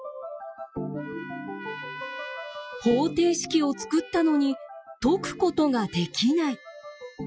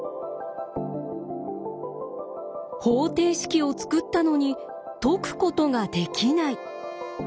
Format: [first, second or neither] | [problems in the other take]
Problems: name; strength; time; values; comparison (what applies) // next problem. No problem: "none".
second | noise reduction (classical method Wiener filter)